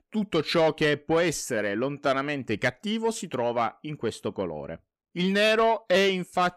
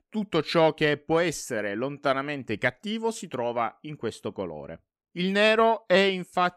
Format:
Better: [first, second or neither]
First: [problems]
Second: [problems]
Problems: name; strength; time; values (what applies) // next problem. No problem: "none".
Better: second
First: distortion; slight; 10 dB below the speech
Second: none